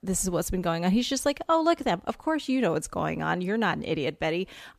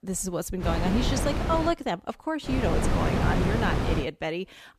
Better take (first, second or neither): first